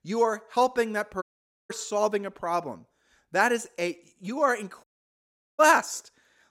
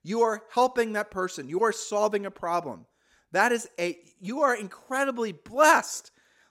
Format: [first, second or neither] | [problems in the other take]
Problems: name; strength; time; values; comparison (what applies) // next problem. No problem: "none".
second | audio cutting out; at 1 s and at 5 s for 0.5 s